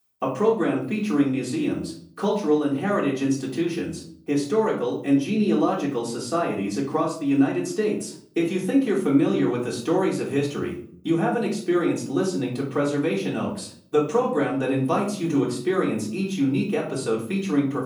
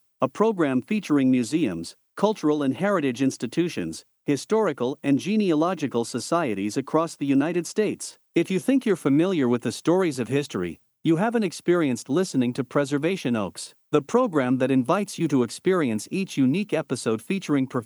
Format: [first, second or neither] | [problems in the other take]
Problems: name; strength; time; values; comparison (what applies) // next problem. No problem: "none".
second | off-mic speech; far // room echo; slight; dies away in 0.4 s